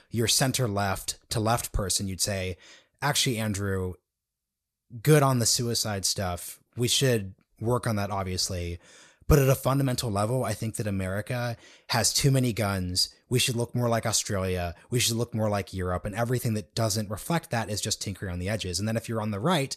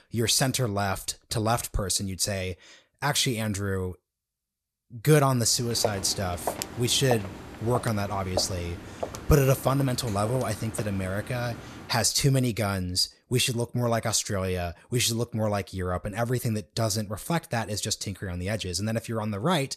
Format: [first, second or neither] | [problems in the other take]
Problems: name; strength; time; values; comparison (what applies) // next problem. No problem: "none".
first | footsteps; noticeable; from 6 to 11 s; peak 6 dB below the speech